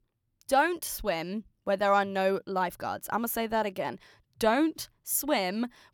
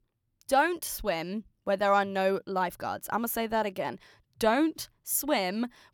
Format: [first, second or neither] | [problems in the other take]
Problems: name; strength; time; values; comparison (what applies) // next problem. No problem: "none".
neither | none